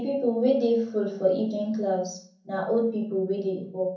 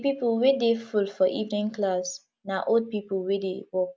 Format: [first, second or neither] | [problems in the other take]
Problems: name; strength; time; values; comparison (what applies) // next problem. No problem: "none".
second | room echo; dies away in 0.6 s